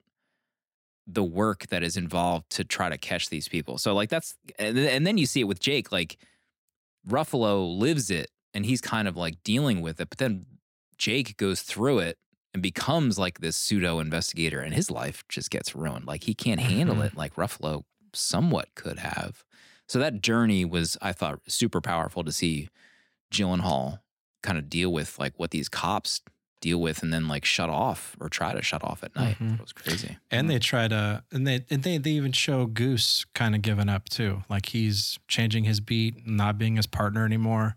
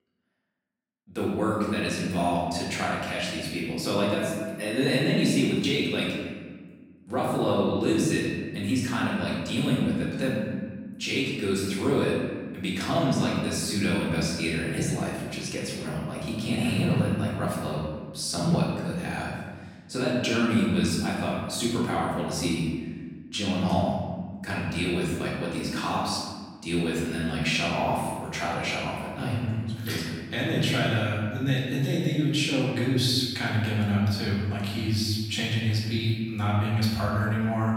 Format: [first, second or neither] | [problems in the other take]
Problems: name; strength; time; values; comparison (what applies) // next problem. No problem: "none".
first | room echo; noticeable; dies away in 1.4 s // off-mic speech; far